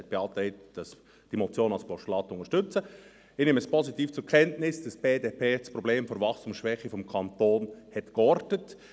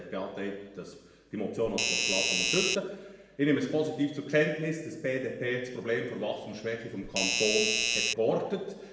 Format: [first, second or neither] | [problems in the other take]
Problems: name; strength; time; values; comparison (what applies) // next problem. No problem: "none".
first | background sound (Doorbell); 3 dB above the speech // room echo; dies away in 1 s